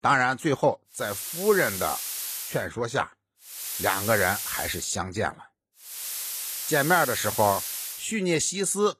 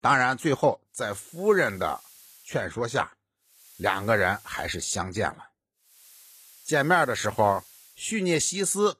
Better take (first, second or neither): second